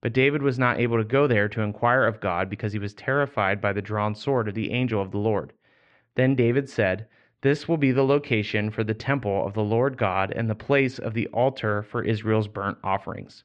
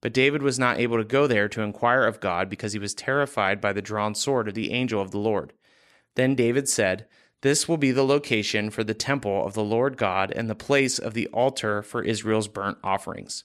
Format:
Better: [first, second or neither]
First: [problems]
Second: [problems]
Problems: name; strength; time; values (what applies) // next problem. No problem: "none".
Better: second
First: muffled; very; fading above 3 kHz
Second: none